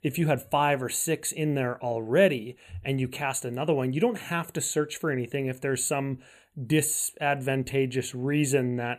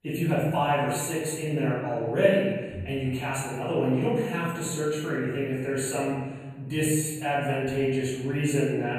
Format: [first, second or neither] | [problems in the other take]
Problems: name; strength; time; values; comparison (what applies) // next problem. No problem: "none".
first | off-mic speech; far // room echo; strong; dies away in 1.3 s